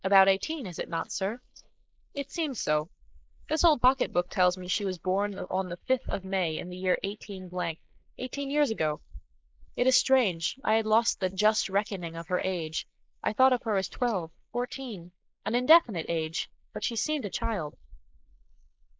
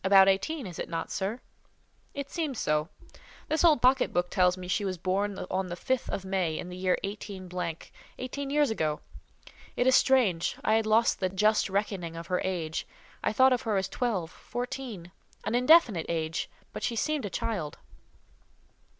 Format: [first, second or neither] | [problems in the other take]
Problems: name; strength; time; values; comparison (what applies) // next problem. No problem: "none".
second | noise reduction (neural mask model Resemble Enhance denoiser)